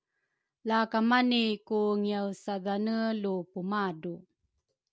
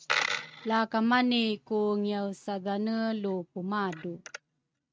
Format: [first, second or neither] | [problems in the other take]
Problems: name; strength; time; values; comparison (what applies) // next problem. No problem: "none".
first | noise reduction (neural mask model RNNoise)